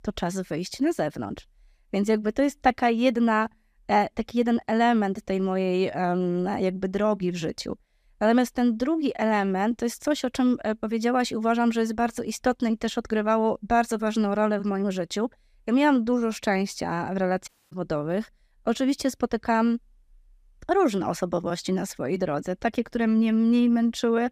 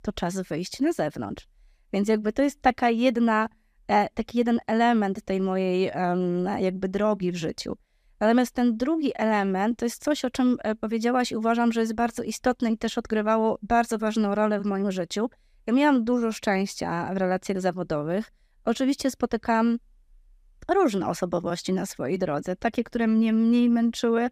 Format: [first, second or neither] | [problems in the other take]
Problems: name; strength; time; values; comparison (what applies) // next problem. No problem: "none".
second | audio cutting out; at 17 s